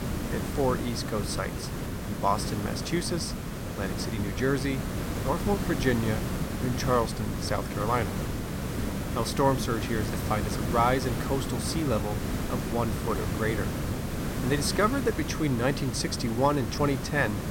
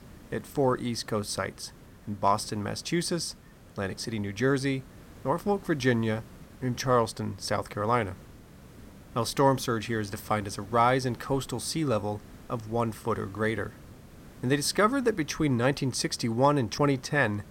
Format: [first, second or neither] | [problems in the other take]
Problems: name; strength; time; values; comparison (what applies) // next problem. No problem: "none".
second | hiss; loud; throughout; 3 dB below the speech; faint in the second